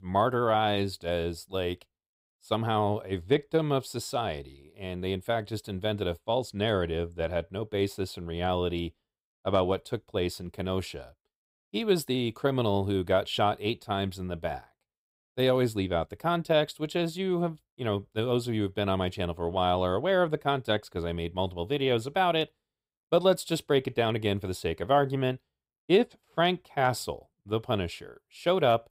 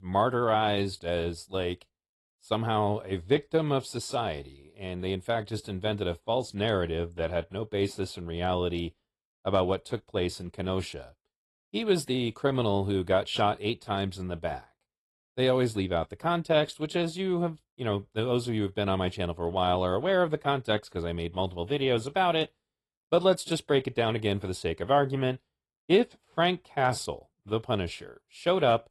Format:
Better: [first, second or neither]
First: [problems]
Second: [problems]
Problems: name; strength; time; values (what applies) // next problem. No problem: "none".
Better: first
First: none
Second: garbled, watery; slightly; nothing above 11.5 kHz